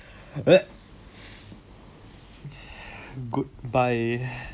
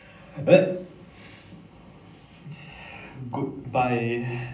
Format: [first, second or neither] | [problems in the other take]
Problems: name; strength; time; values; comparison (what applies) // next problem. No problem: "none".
first | room echo; dies away in 0.6 s